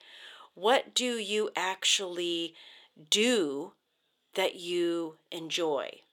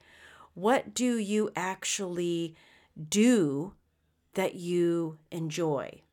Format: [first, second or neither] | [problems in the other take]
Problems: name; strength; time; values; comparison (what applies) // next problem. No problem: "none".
second | thin; somewhat; fading below 450 Hz